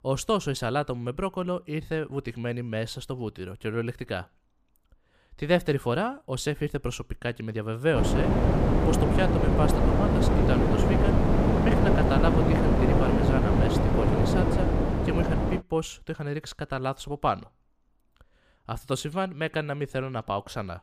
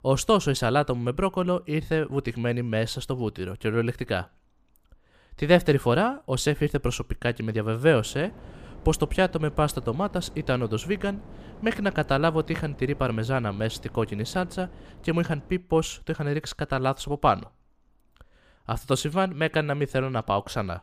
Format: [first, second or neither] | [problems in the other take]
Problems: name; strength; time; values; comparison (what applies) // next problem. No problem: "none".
second | wind noise on the microphone; heavy; from 8 to 16 s; 3 dB above the speech; occasional gusts in the second